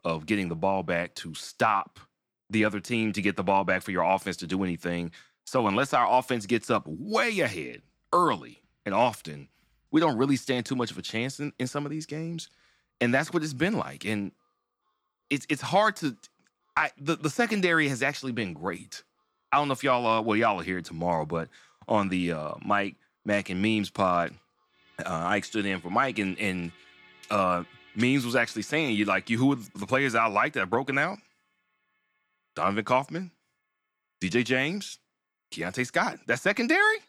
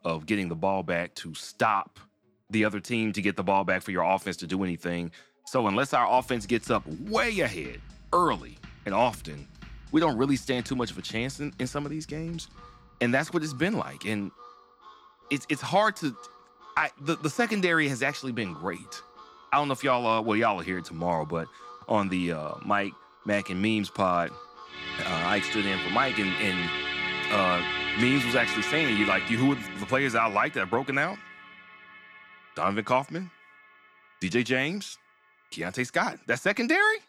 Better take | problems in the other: first | background music; loud; throughout; 3 dB below the speech; faint in the first

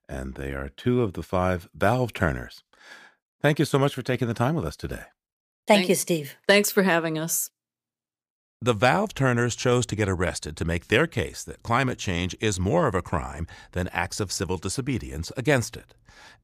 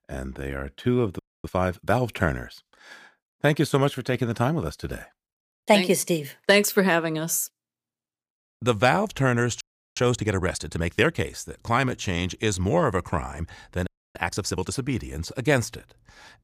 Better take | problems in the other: first | audio freezing; at 1 s, at 9.5 s and at 14 s

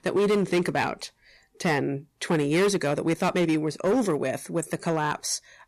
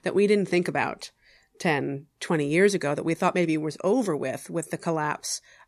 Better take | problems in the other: second | distortion; slight; 8% of the sound clipped

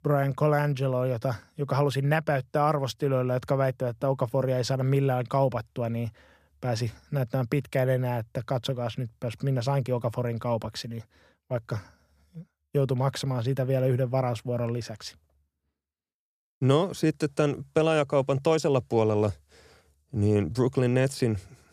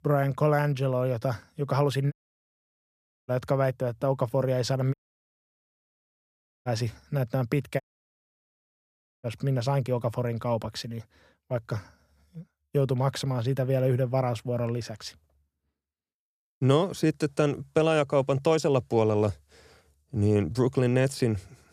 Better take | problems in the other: first | audio cutting out; at 2 s for 1 s, at 5 s for 1.5 s and at 8 s for 1.5 s

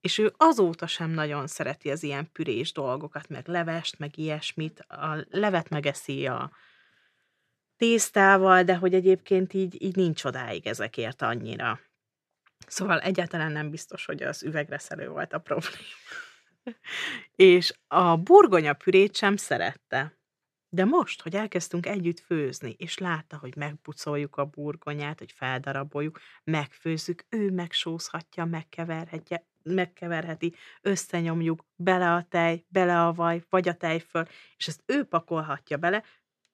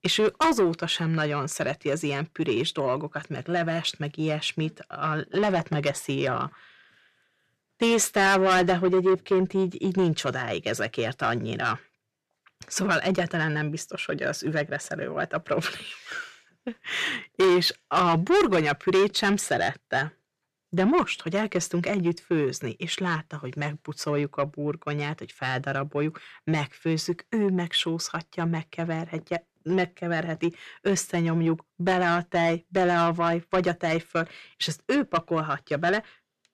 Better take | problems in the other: first | distortion; heavy; 6 dB below the speech

